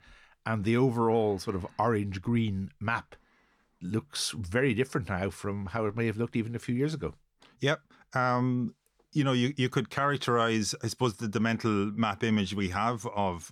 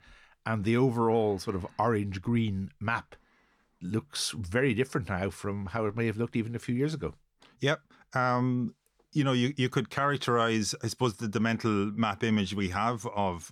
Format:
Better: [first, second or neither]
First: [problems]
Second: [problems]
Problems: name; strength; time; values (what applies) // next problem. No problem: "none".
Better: neither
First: none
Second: none